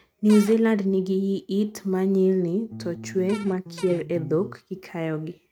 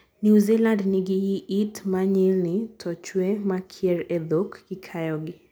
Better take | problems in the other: second | noise reduction (neural mask model RNNoise)

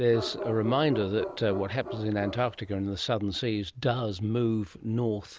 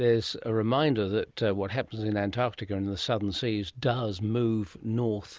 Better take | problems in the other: second | background sound (Bark); 10 dB below the speech

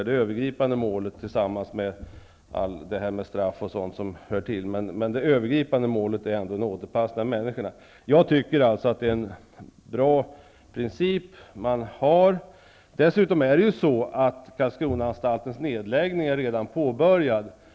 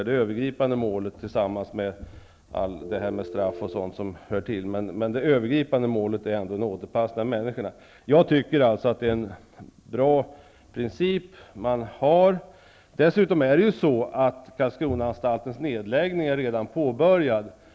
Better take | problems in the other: first | background sound (Telephone); 13 dB below the speech

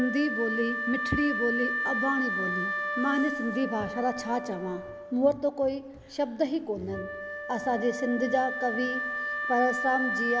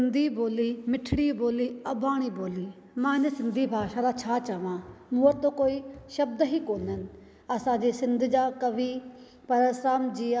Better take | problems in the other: second | background sound (Wind instrument, woodwind instrument); 4 dB below the speech

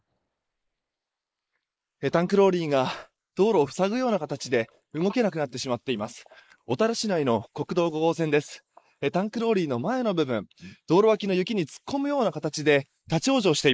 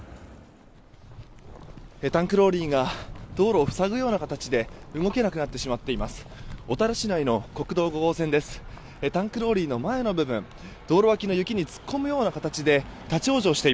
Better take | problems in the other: second | noise reduction (neural mask model Resemble Enhance denoiser)

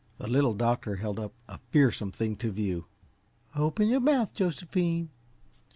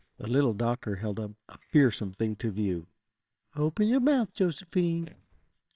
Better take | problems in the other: first | noise reduction (neural separator model SepFormer WHAMR!)

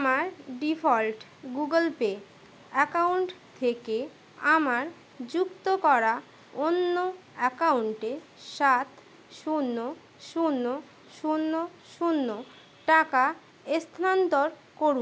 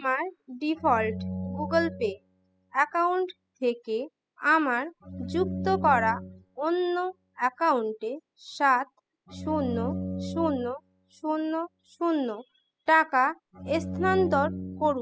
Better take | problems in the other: first | noise reduction (classical method spectral subtraction)

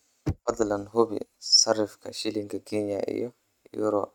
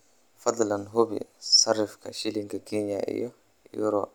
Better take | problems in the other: second | noise reduction (neural mask model RNNoise)

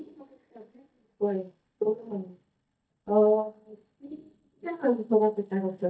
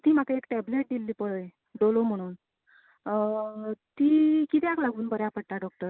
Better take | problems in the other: second | noise reduction (neural mask model DeepFilterNet 3)

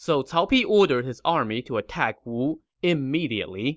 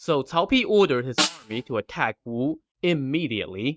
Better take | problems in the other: first | noise reduction (neural mask model RNNoise)

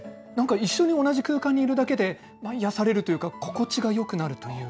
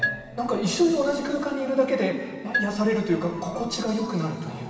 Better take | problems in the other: first | background sound (Marimba, xylophone); 9 dB below the speech // room echo; dies away in 2.4 s

